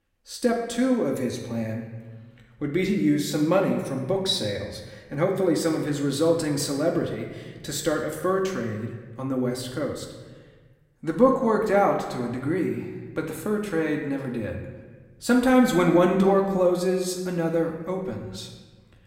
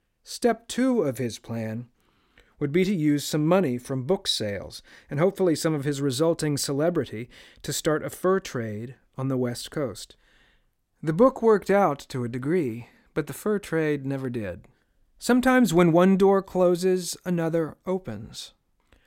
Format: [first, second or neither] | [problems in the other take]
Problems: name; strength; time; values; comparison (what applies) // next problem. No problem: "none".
second | room echo; slight; dies away in 1.1 s // off-mic speech; somewhat distant